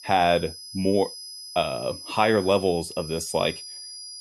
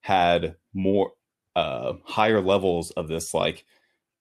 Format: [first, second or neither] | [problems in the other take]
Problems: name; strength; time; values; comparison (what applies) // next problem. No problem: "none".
second | high-pitched whine; noticeable; throughout; 5 kHz, 10 dB below the speech